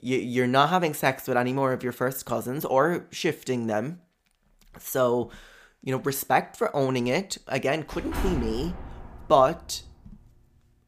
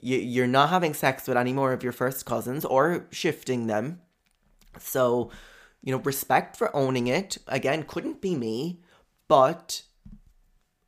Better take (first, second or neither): second